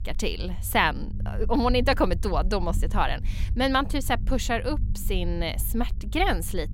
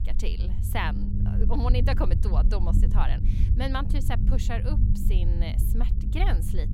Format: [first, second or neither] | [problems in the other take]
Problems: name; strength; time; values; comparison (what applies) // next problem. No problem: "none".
first | low rumble; loud; throughout; 8 dB below the speech; faint in the first